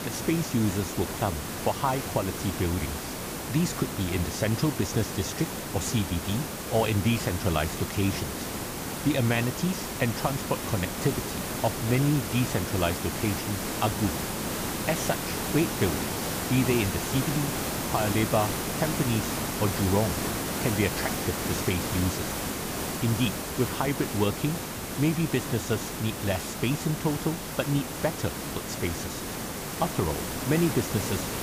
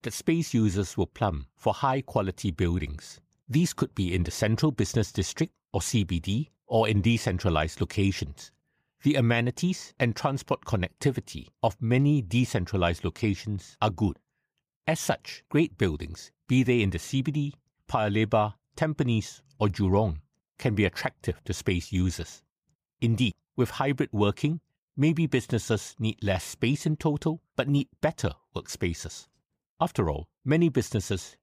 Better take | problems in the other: second | hiss; loud; throughout; 2 dB below the speech

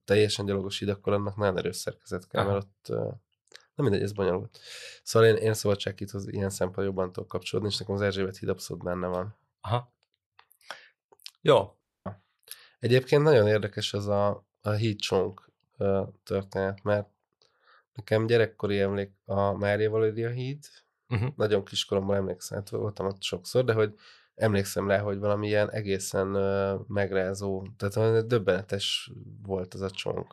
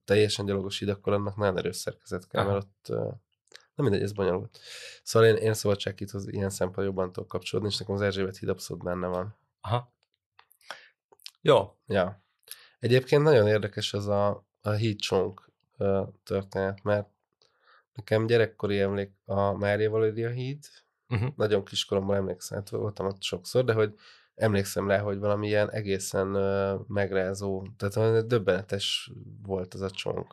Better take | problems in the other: second | audio cutting out; at 12 s

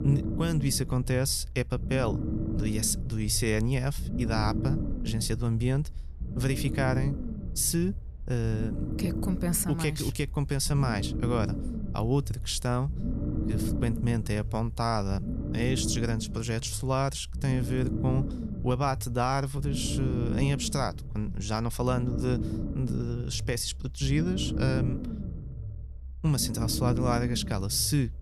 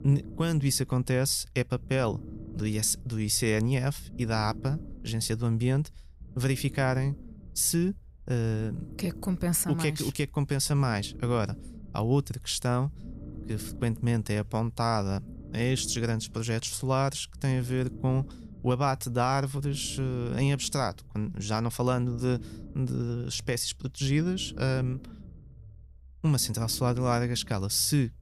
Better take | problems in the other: second | low rumble; loud; throughout; 9 dB below the speech; faint in the second

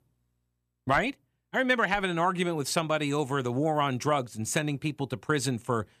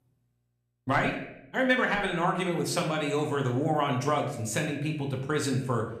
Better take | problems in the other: first | room echo; slight; dies away in 0.6 s // off-mic speech; somewhat distant

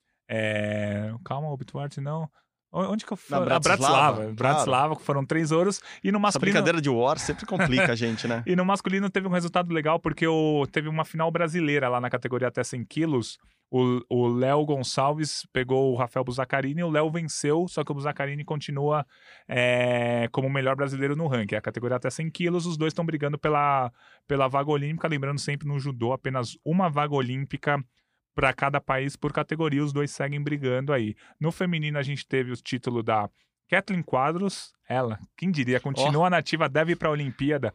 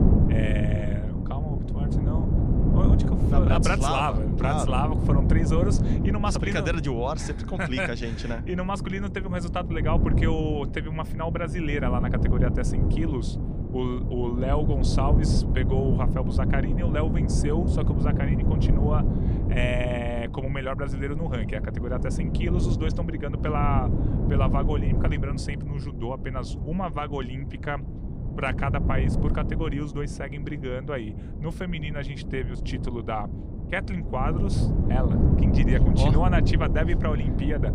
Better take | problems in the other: first | wind noise on the microphone; heavy; 5 dB below the speech

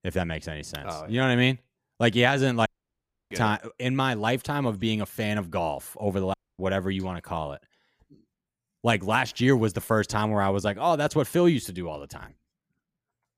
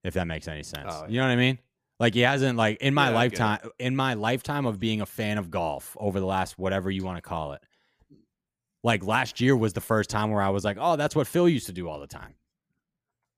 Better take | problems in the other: second | audio cutting out; at 2.5 s for 0.5 s and at 6.5 s

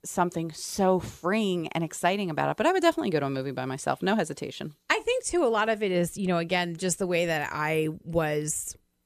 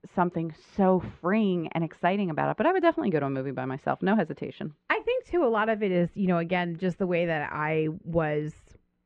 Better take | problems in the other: first | muffled; very; fading above 2.5 kHz

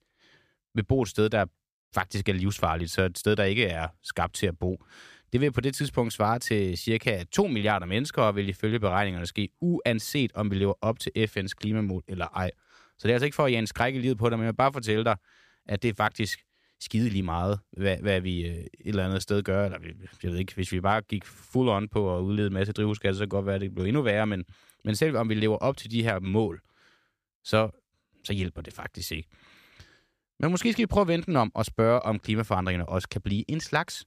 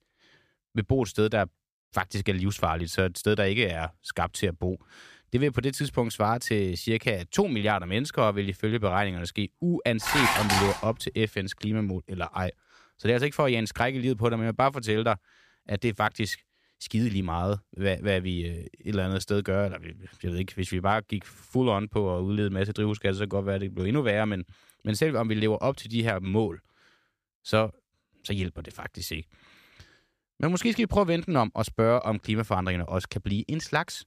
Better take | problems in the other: first | clattering dishes; loud; at 10 s; peak 5 dB above the speech

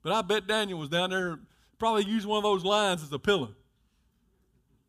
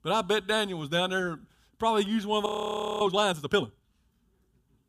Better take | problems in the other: first | audio freezing; at 2.5 s for 0.5 s

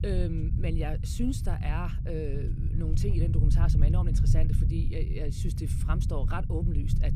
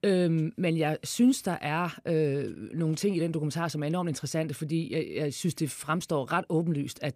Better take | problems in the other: second | low rumble; loud; throughout; 4 dB below the speech

